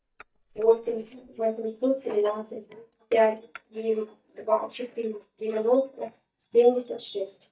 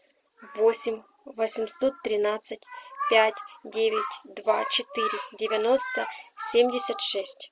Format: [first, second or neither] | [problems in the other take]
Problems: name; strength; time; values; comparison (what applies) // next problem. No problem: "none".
second | noise reduction (neural mask model DeepFilterNet 3)